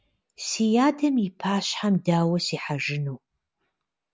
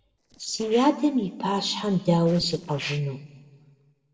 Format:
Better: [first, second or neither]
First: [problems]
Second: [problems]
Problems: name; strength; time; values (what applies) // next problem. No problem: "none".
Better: first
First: none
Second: noise reduction (neural separator model SepFormer DNS4)